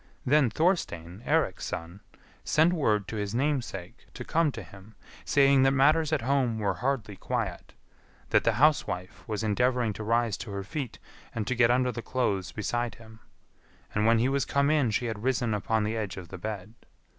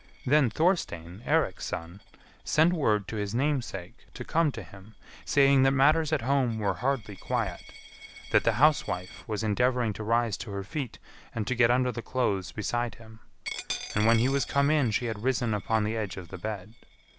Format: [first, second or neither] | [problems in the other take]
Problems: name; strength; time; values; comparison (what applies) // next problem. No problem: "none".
first | background sound (Coin (dropping)); 19 dB below the speech